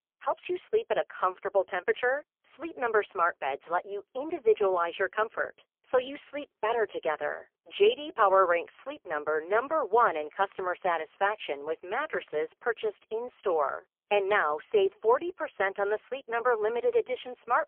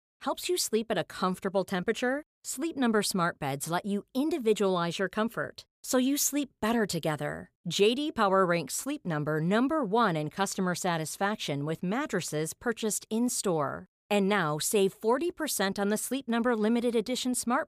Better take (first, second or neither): second